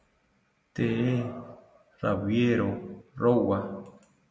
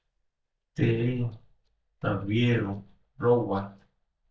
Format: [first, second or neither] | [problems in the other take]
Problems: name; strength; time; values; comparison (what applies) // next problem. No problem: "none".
first | noise reduction (neural mask model DeepFilterNet 3)